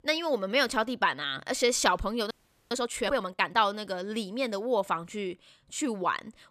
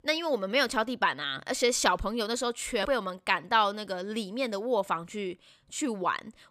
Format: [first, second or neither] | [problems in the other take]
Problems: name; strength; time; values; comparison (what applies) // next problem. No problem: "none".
second | audio freezing; at 2.5 s